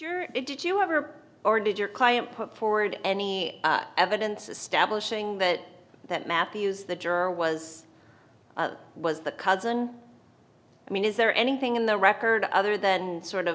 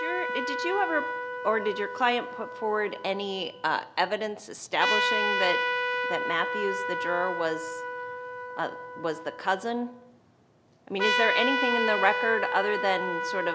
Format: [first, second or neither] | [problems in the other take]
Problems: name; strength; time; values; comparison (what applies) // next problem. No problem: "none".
first | background sound (Trumpet); 1 dB below the speech